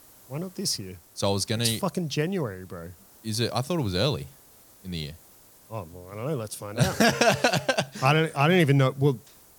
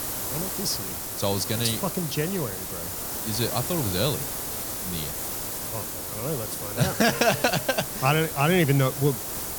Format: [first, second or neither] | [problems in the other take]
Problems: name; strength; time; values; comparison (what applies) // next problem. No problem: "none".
first | hiss; loud; throughout; 4 dB below the speech; faint in the first